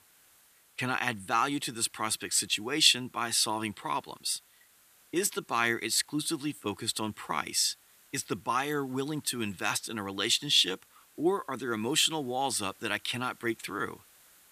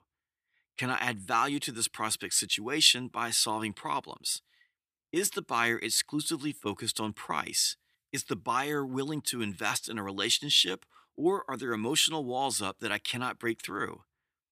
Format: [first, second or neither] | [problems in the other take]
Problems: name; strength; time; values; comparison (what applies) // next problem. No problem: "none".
second | hiss; faint; throughout; 30 dB below the speech